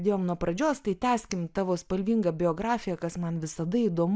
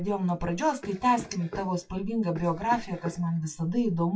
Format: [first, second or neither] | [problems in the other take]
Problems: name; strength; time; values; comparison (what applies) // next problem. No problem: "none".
first | noise reduction (classical method WPE with log-MMSE)